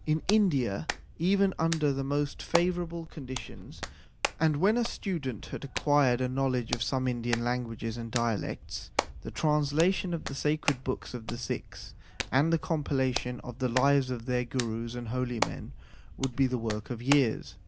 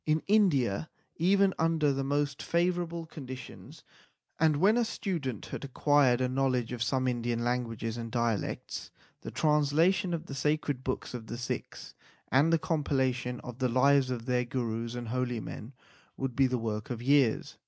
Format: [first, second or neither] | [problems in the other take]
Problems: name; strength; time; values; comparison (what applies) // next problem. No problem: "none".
second | background sound (Hands); 10 dB below the speech